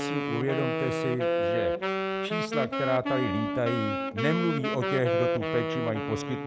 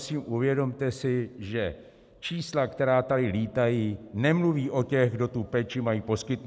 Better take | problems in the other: second | background sound (Wind instrument, woodwind instrument); 1 dB above the speech

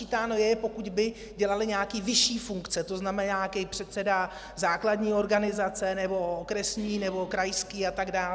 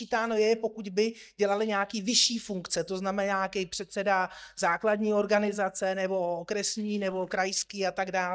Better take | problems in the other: first | noise reduction (neural mask model DeepFilterNet 3)

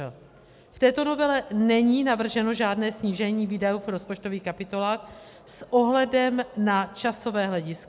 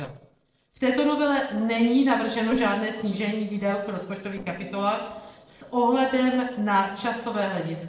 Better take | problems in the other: first | noise reduction (neural separator model SepFormer DNS4)

